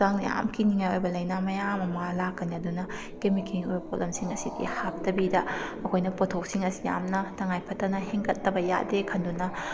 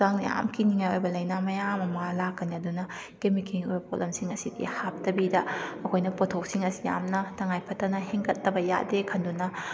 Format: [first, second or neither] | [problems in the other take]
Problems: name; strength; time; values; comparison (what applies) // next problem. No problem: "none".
second | background sound (Growling); 12 dB below the speech